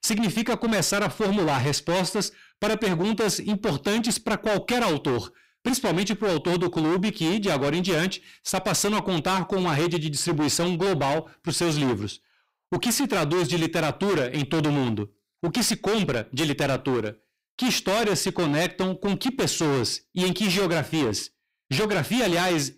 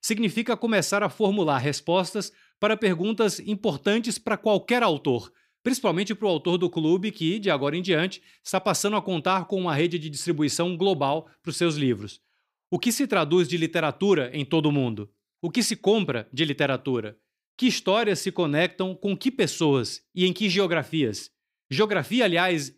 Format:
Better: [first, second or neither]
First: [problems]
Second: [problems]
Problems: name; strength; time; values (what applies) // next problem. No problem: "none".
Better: second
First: distortion; heavy; 30% of the sound clipped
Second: none